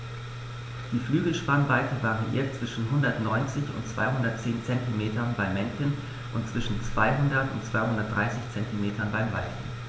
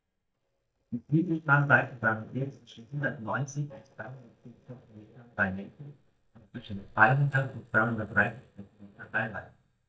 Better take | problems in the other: first | noise reduction (neural mask model DeepFilterNet 3)

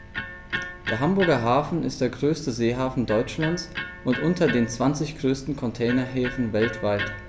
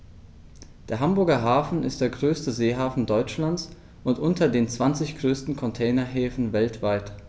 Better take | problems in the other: second | background sound (Electric guitar); 11 dB below the speech

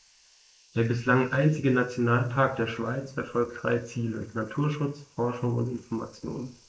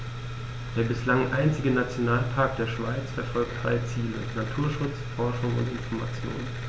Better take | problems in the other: second | noise reduction (neural mask model Resemble Enhance denoiser)

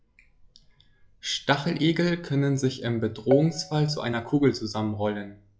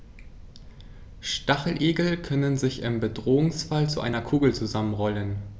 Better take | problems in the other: second | noise reduction (classical method log-MMSE)

